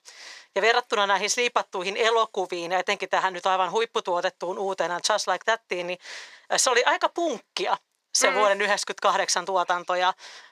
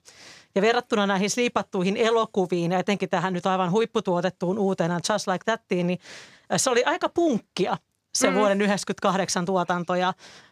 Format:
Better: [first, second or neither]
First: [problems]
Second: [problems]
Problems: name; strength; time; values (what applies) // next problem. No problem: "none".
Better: second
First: thin; very; fading below 550 Hz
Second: none